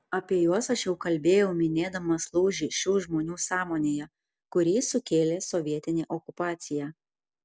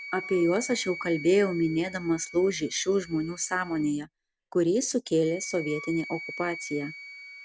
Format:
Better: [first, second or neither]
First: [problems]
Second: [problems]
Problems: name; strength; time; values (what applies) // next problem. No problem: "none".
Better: first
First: none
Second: background sound (Wind instrument, woodwind instrument); 14 dB below the speech